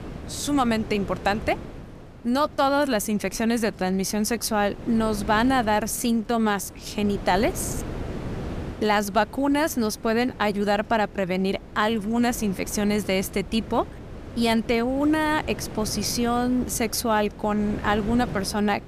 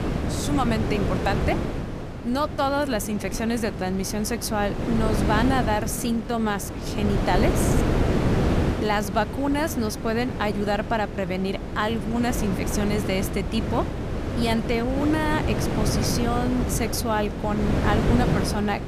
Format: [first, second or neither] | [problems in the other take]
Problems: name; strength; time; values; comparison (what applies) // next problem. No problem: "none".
first | wind noise on the microphone; heavy; 5 dB below the speech; occasional gusts in the first